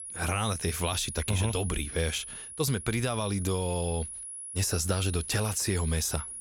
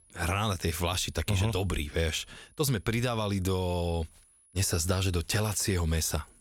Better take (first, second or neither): second